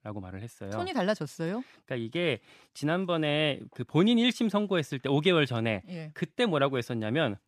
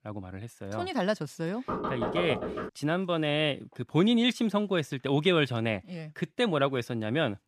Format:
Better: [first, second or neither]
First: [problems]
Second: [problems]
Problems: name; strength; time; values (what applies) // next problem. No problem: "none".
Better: first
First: none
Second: door banging; noticeable; from 1.5 to 2.5 s; peak 3 dB below the speech